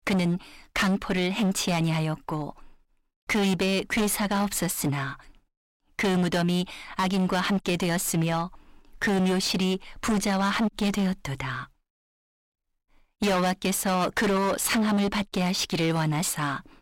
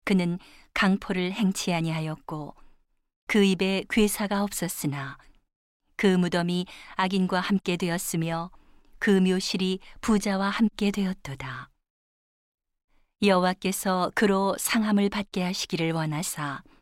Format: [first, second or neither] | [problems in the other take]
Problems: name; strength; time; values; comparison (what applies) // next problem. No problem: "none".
second | distortion; heavy; 20% of the sound clipped